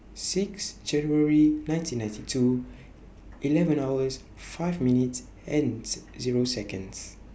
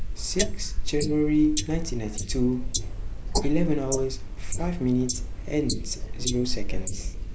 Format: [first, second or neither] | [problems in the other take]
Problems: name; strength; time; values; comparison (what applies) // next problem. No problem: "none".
first | noise reduction (neural mask model Resemble Enhance denoiser)